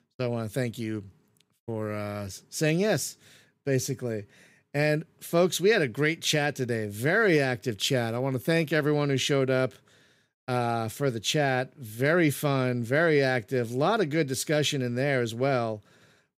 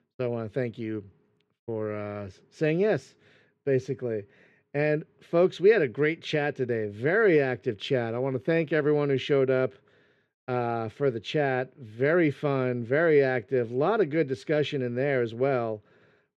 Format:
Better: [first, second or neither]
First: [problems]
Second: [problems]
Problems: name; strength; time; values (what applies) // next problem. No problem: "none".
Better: first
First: none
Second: muffled; very; fading above 2.5 kHz